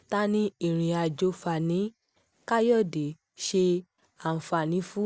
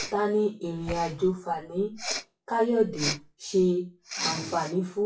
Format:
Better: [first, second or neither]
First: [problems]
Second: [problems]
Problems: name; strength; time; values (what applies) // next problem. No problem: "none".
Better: first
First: none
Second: noise reduction (classical method WPE with log-MMSE)